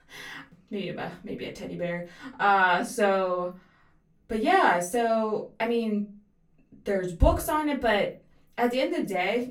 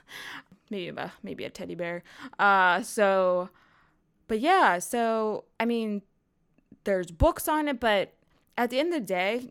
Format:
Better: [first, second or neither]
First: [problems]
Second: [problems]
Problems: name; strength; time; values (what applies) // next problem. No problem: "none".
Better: second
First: off-mic speech; far // room echo; very slight; dies away in 0.3 s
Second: none